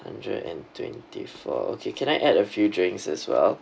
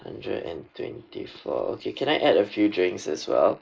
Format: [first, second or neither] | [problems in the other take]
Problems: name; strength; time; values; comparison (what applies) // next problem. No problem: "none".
first | noise reduction (neural mask model Resemble Enhance denoiser)